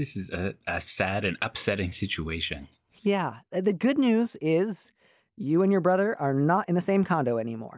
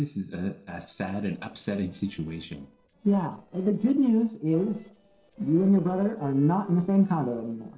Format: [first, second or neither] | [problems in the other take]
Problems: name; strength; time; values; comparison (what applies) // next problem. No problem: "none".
first | noise reduction (neural separator model SepFormer DNS4)